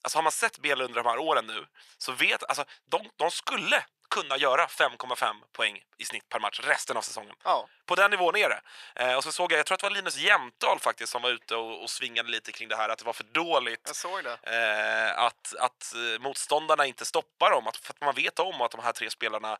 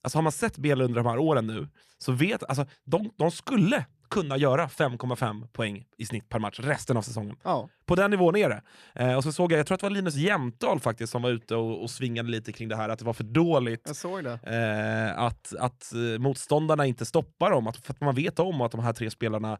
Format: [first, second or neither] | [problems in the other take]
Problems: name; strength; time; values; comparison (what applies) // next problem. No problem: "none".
second | thin; very; fading below 900 Hz